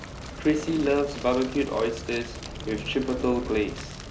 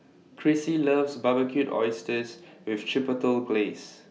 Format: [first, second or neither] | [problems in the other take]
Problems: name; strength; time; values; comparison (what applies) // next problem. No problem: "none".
second | background sound (Fire); 10 dB below the speech